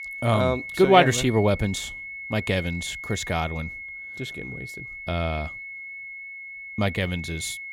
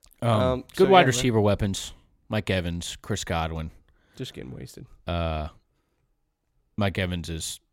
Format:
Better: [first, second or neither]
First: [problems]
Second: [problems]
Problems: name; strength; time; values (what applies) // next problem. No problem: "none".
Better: second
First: high-pitched whine; noticeable; throughout; 2 kHz, 10 dB below the speech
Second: none